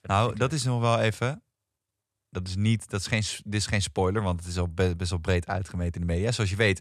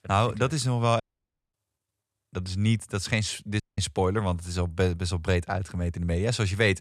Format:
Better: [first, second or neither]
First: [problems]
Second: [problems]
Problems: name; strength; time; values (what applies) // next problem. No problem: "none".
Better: first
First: none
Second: audio cutting out; at 1 s for 0.5 s and at 3.5 s